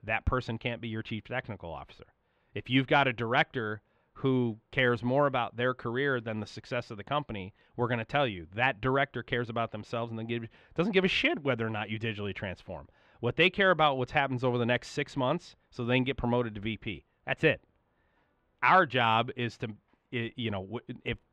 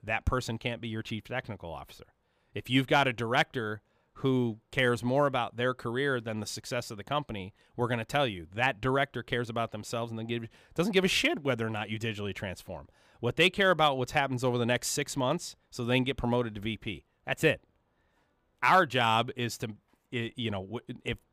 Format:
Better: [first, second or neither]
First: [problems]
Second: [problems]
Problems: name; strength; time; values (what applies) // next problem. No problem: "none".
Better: second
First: muffled; slightly; fading above 2.5 kHz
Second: none